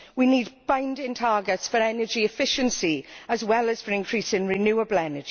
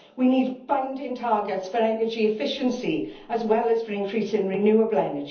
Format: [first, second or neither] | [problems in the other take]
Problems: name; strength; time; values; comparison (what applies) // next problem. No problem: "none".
first | room echo; dies away in 0.7 s